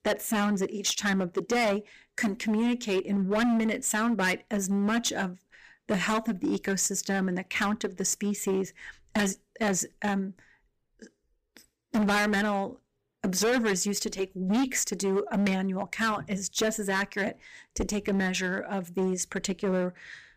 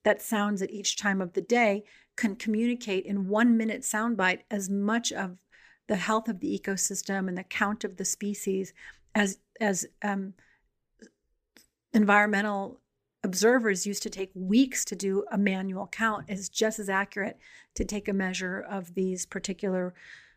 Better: second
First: distortion; heavy; 12% of the sound clipped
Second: none

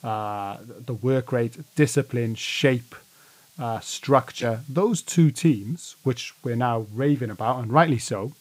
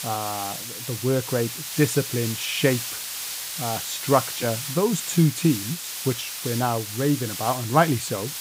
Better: first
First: hiss; faint; throughout; 30 dB below the speech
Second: hiss; loud; throughout; 5 dB below the speech

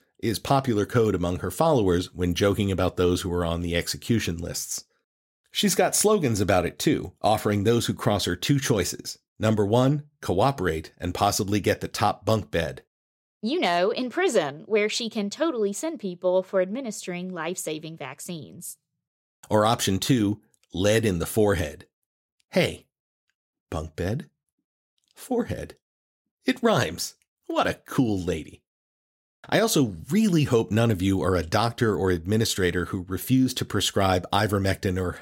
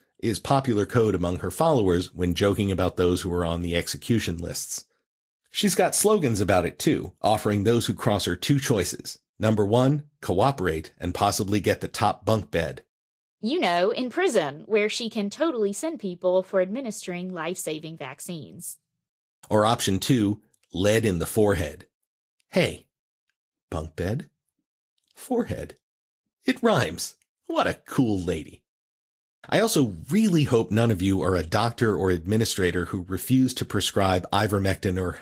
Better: first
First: none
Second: garbled, watery; slightly; nothing above 16 kHz

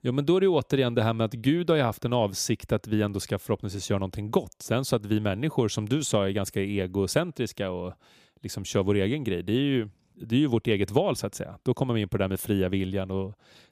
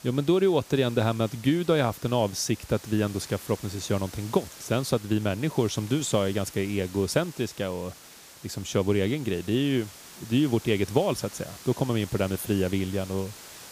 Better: first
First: none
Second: hiss; noticeable; throughout; 15 dB below the speech

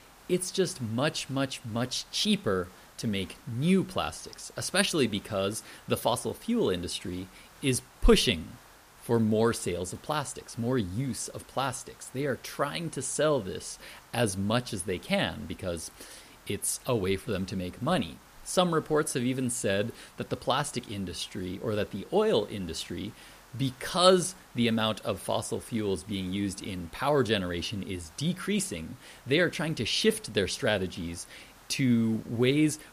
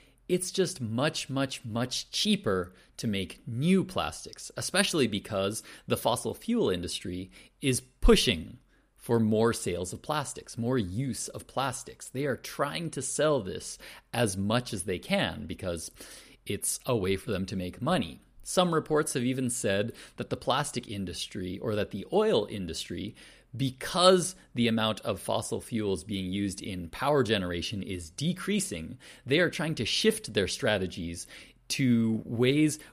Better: second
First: hiss; faint; throughout; 25 dB below the speech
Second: none

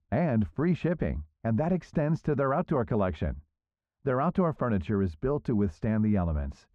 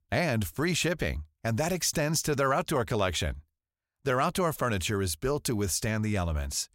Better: second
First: muffled; very; fading above 1 kHz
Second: none

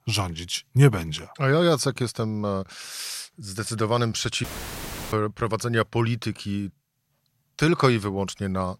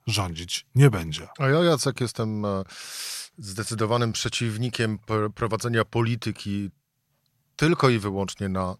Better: second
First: audio cutting out; filled with static; at 4.5 s for 0.5 s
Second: none

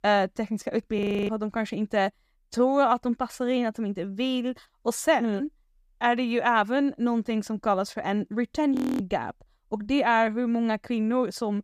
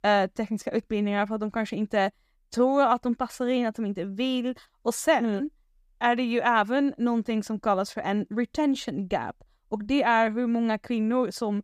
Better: second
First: audio freezing; at 1 s and at 9 s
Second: none

